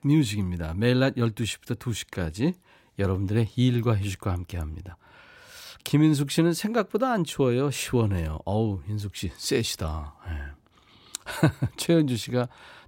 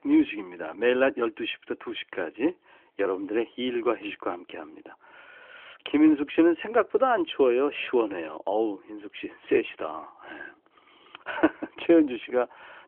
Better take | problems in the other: first | phone-call audio; nothing above 3.5 kHz

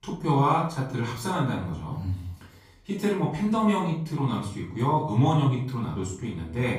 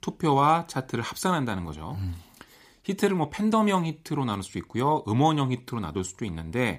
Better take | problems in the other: second | off-mic speech; far // room echo; noticeable; dies away in 0.5 s

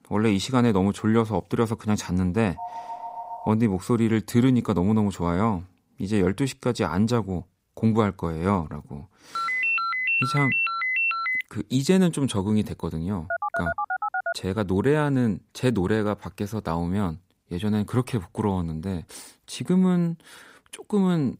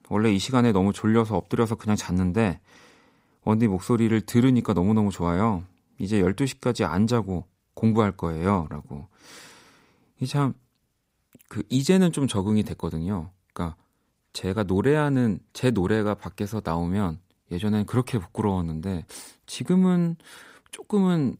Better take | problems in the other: second | phone ringing; faint; at 2.5 s; peak 10 dB below the speech // phone ringing; loud; from 9.5 to 11 s; peak 3 dB above the speech // phone ringing; noticeable; from 13 to 14 s; peak 3 dB below the speech

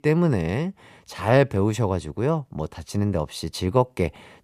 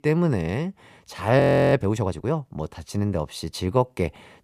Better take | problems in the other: first | audio freezing; at 1.5 s

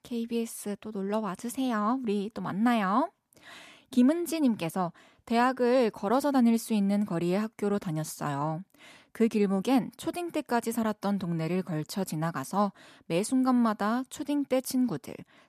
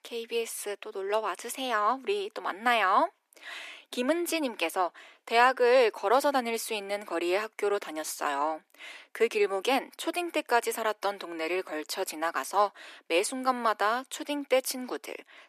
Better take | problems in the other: first | thin; very; fading below 350 Hz

